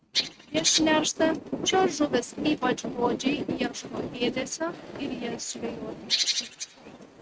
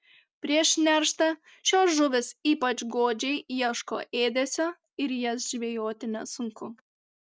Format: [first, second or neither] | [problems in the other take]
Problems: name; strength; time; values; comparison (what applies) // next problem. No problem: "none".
second | noise reduction (neural mask model RNNoise)